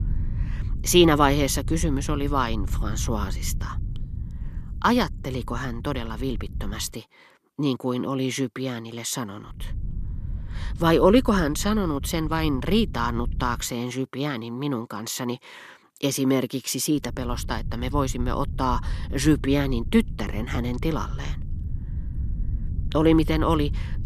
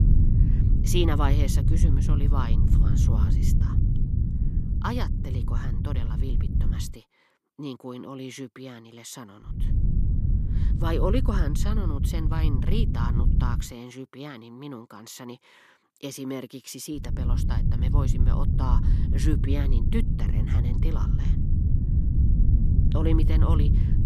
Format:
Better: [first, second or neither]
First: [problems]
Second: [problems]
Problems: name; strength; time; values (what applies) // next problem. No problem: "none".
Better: first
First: low rumble; faint; until 7 s, from 9.5 to 14 s and from 17 s on; 20 dB below the speech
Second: low rumble; loud; until 7 s, from 9.5 to 14 s and from 17 s on; 3 dB below the speech